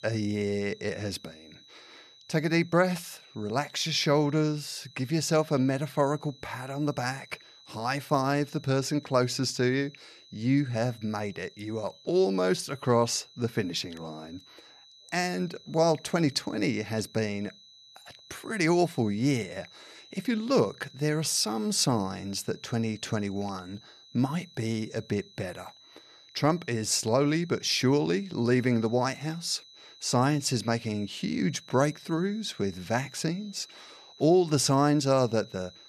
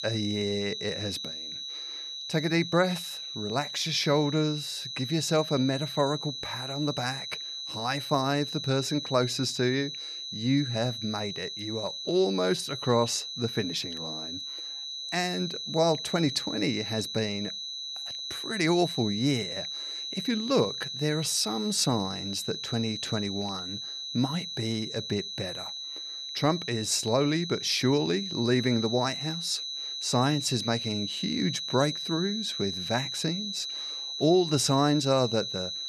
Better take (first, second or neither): first